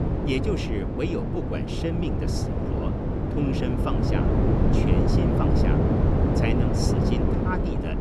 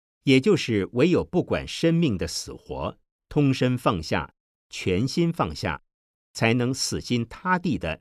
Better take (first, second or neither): second